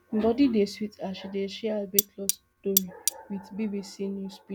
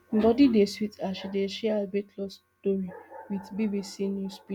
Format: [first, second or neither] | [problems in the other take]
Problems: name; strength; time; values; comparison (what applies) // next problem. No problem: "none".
second | background sound (Cutlery, silverware); as loud as the speech